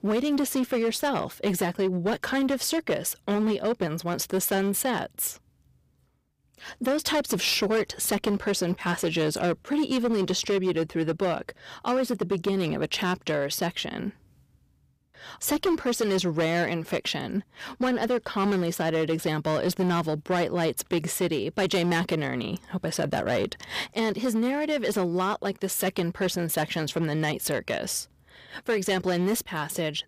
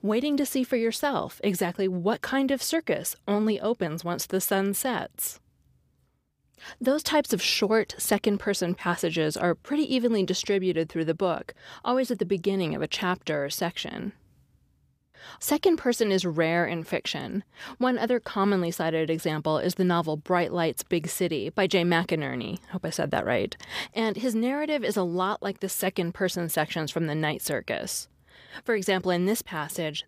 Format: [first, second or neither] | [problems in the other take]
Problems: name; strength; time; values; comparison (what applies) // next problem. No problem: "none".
second | distortion; slight; 9% of the sound clipped